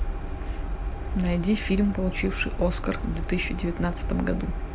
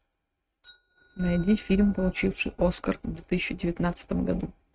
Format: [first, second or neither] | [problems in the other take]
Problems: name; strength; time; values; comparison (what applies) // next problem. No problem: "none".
first | noise reduction (neural mask model RNNoise)